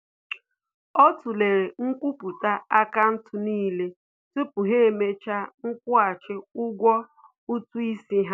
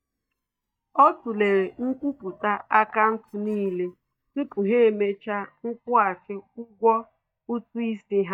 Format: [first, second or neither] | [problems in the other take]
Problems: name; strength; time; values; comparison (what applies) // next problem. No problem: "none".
first | noise reduction (neural mask model DeepFilterNet 3)